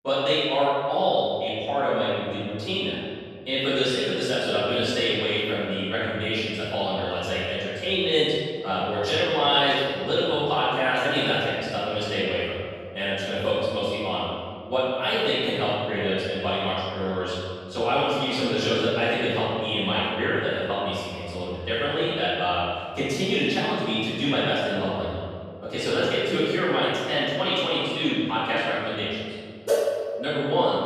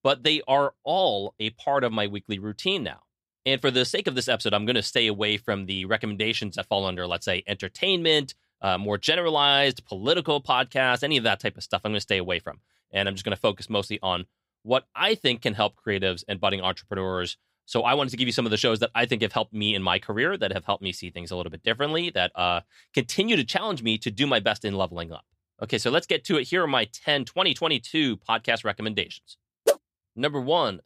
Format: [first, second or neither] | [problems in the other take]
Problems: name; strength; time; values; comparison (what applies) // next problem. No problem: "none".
second | room echo; strong; dies away in 1.9 s // off-mic speech; far